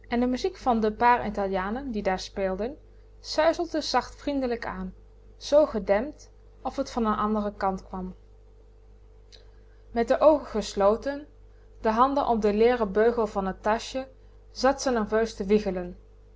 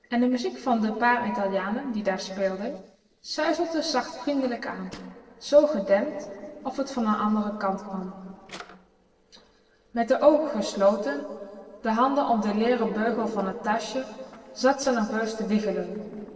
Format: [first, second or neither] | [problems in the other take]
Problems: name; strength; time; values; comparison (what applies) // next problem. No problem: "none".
first | noise reduction (neural separator model SepFormer DNS4)